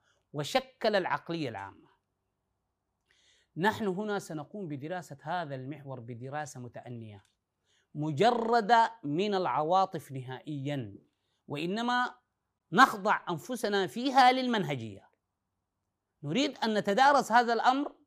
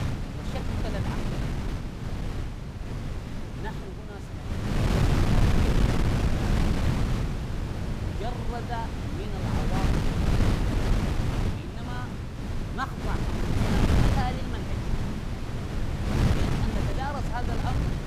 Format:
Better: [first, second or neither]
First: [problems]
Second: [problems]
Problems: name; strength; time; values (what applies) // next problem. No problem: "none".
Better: first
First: none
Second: wind noise on the microphone; heavy; 3 dB above the speech